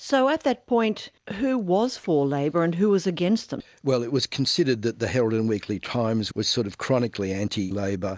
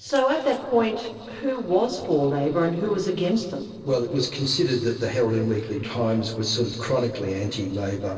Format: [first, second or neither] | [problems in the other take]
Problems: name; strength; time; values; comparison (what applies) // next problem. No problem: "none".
first | noise reduction (neural separator model SepFormer DNS4)